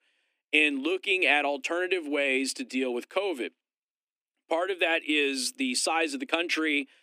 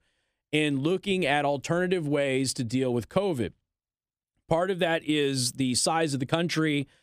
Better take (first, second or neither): second